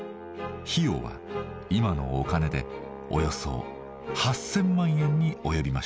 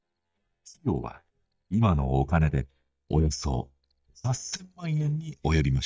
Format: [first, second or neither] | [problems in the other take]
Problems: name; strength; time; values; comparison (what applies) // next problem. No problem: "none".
first | noise reduction (neural mask model DeepFilterNet 3)